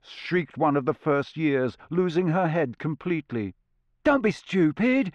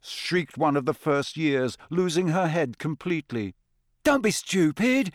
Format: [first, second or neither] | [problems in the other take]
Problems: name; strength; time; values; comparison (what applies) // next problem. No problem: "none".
second | muffled; slightly; fading above 2.5 kHz